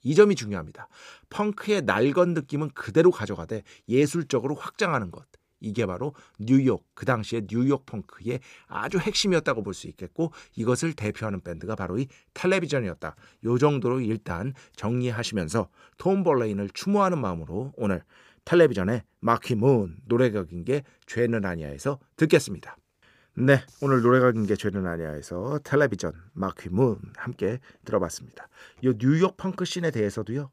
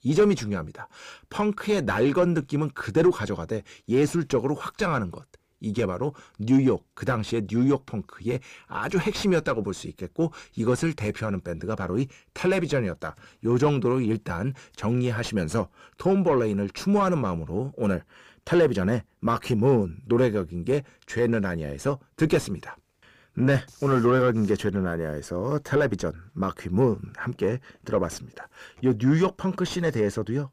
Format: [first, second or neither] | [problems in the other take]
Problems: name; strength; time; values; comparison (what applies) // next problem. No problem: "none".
first | distortion; slight; 9 dB below the speech